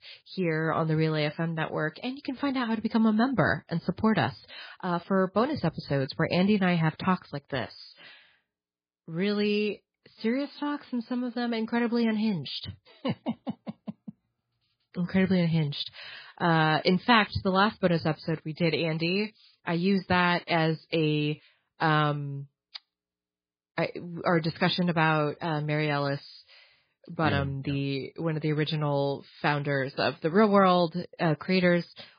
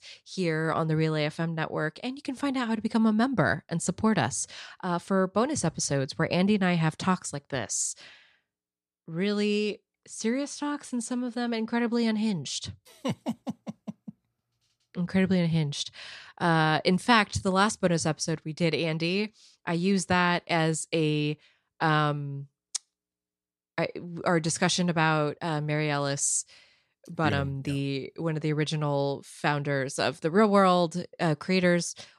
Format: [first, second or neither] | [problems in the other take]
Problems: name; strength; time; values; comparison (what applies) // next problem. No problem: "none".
second | garbled, watery; badly; nothing above 4.5 kHz